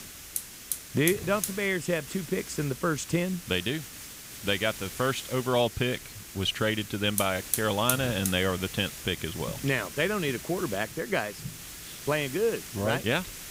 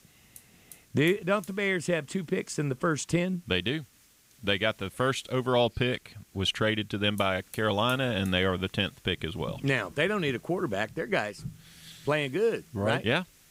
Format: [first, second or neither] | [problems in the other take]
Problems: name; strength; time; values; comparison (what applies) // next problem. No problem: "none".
second | hiss; loud; throughout; 8 dB below the speech; faint in the second